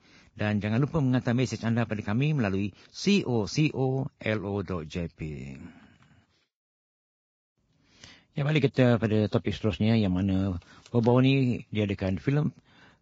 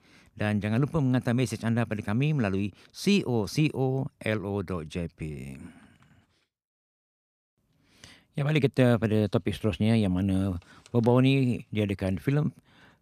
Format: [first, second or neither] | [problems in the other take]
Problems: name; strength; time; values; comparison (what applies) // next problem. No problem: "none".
second | garbled, watery; badly; nothing above 7.5 kHz